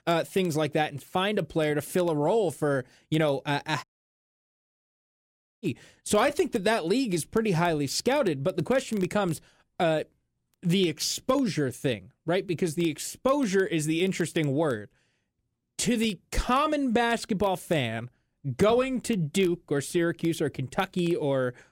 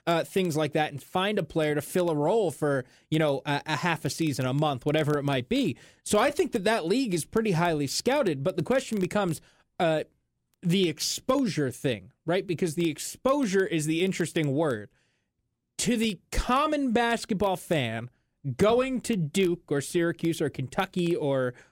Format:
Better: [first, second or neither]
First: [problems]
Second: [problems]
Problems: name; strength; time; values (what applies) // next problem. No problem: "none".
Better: second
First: audio cutting out; at 4 s for 2 s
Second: none